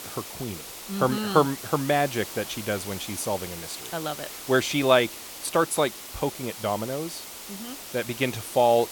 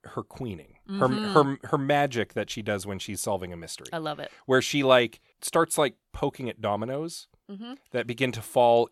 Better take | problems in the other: second | hiss; noticeable; throughout; 10 dB below the speech

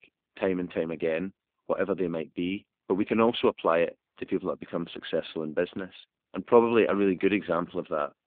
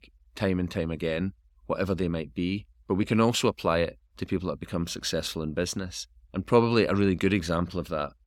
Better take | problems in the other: second | phone-call audio; poor line

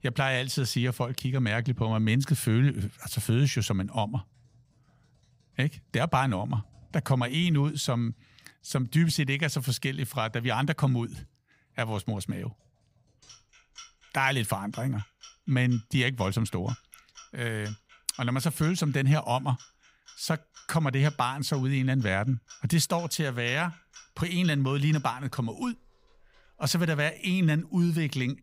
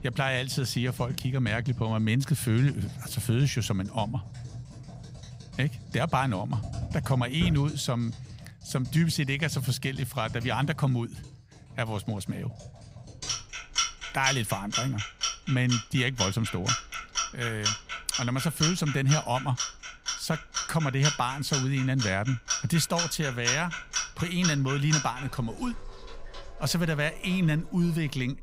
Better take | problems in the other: first | household noises; loud; throughout; 5 dB below the speech; faint in the first

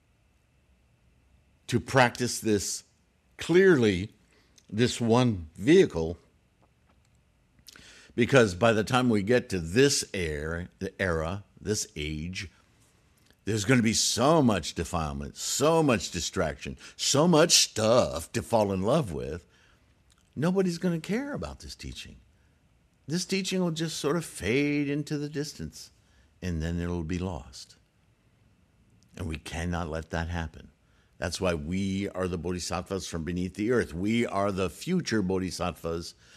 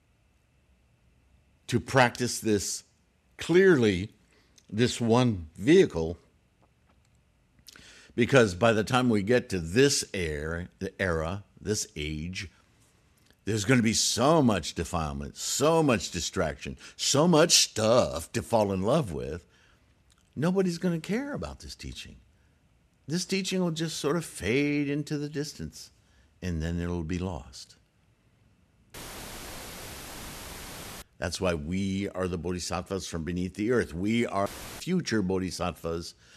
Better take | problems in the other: first | audio cutting out; filled with static; at 29 s for 2 s and at 34 s

